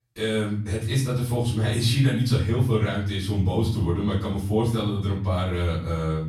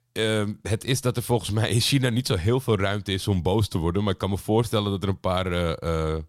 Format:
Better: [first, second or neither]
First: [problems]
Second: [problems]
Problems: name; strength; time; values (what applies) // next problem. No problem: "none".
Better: second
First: off-mic speech; far // room echo; noticeable; dies away in 0.6 s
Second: none